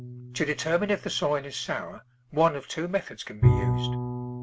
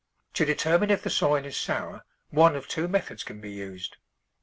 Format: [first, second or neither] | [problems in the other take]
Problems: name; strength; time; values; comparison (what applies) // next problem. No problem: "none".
second | background sound (Bowed string instrument); 1 dB below the speech